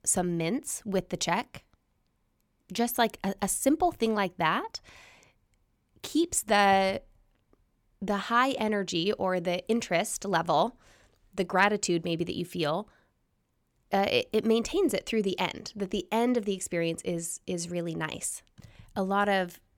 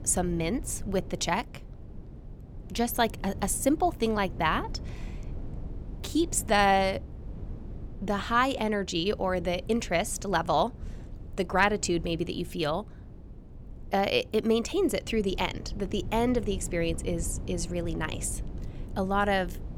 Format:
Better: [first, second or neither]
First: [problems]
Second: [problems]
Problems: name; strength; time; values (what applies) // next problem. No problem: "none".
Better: first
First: none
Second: low rumble; faint; throughout; 25 dB below the speech